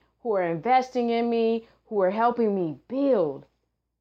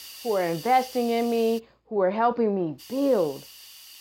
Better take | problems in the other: first | hiss; noticeable; until 1.5 s and from 3 s on; 15 dB below the speech

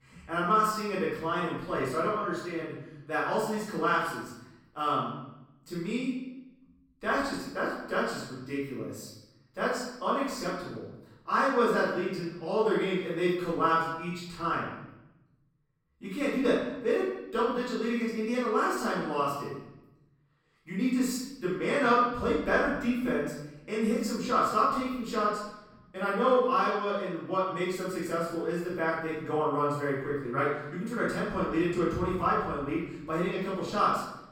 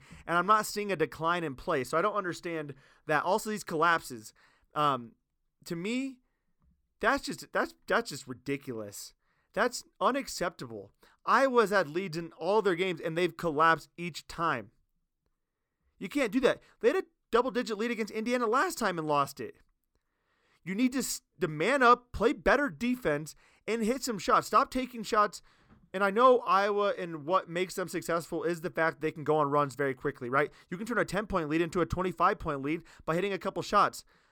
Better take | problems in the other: second | room echo; noticeable; dies away in 0.9 s // off-mic speech; far

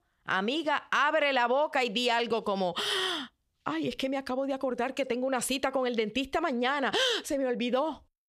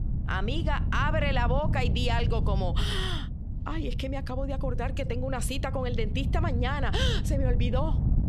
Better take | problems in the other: first | wind noise on the microphone; occasional gusts; 10 dB below the speech

